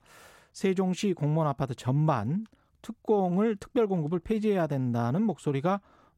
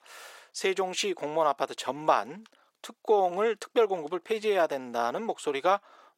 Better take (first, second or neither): first